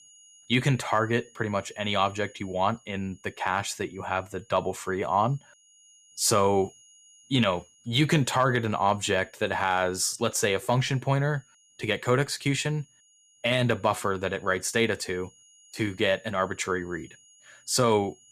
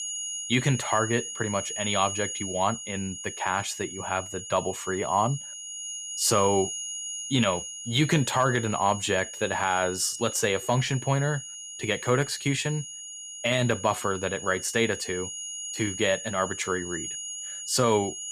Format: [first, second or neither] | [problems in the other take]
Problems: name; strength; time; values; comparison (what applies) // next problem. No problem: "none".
first | high-pitched whine; loud; throughout; 6.5 kHz, 7 dB below the speech; faint in the first